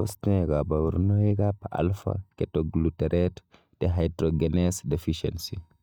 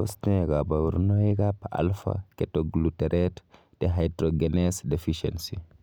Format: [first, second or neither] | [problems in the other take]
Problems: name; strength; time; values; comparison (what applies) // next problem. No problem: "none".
second | noise reduction (neural mask model DeepFilterNet 3)